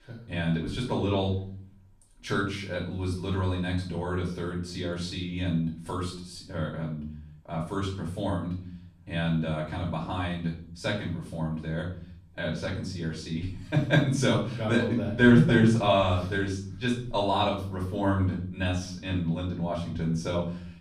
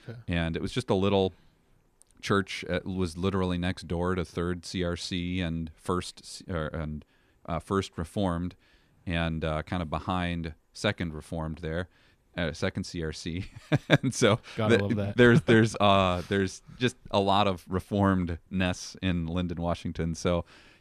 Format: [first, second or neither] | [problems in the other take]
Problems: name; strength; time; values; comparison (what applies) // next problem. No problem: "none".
second | off-mic speech; far // room echo; noticeable; dies away in 0.5 s